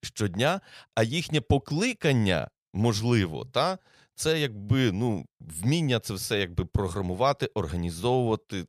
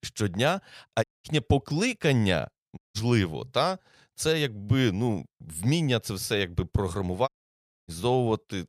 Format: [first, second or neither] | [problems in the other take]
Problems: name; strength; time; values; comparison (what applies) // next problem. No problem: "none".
first | audio cutting out; at 1 s, at 3 s and at 7.5 s for 0.5 s